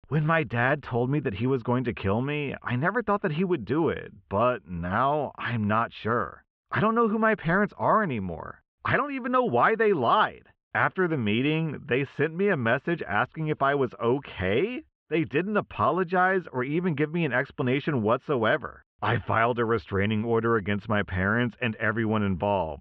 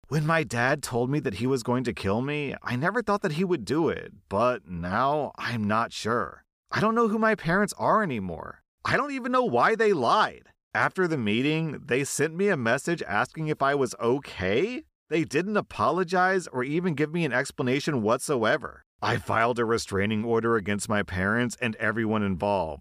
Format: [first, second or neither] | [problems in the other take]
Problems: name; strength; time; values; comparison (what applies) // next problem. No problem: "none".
second | muffled; very; fading above 3 kHz